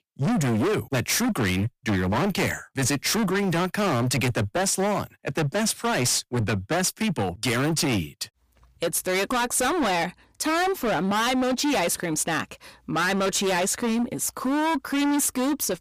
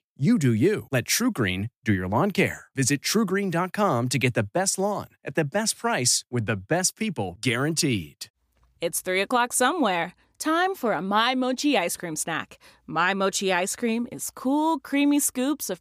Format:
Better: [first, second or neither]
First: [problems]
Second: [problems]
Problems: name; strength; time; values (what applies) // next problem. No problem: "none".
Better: second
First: distortion; heavy; 30% of the sound clipped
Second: none